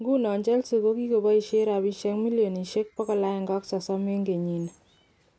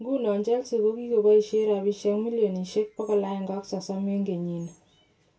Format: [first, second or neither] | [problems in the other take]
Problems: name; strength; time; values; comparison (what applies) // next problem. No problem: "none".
first | room echo; dies away in 0.2 s